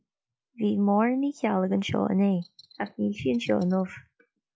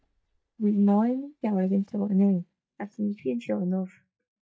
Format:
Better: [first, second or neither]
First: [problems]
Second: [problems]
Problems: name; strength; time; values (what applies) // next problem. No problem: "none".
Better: first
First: none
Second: noise reduction (neural mask model DeepFilterNet 3)